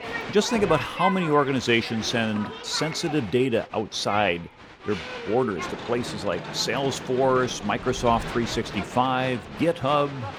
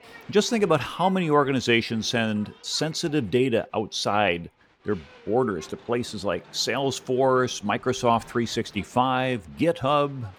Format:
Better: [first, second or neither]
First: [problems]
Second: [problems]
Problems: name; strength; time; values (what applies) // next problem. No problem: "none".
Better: second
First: crowd noise; loud; throughout; 10 dB below the speech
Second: crowd noise; faint; throughout; 25 dB below the speech